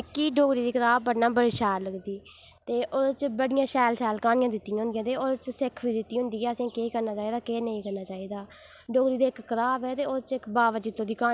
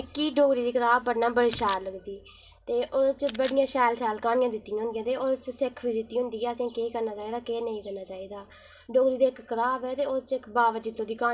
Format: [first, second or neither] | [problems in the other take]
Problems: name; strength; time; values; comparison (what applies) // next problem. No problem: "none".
first | background sound (Camera); 20 dB below the speech // room echo; dies away in 0.2 s